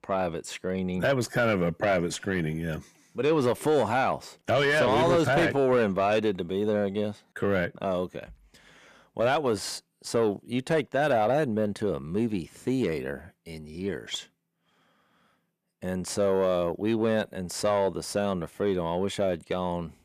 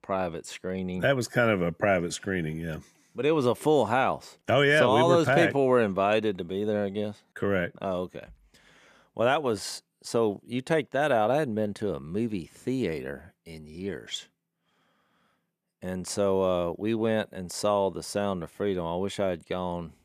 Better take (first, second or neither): second